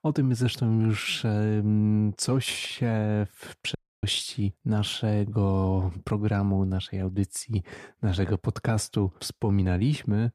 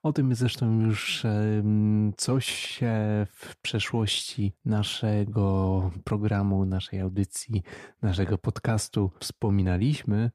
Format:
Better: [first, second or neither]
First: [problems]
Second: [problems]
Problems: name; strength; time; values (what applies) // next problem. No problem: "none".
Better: second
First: audio cutting out; at 4 s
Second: none